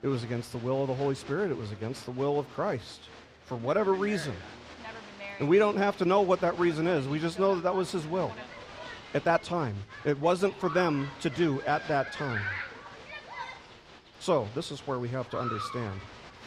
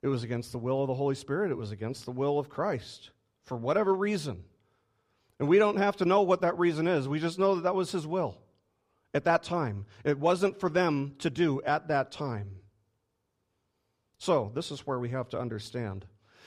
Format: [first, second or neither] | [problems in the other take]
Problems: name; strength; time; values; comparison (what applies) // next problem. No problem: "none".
second | crowd noise; noticeable; throughout; 15 dB below the speech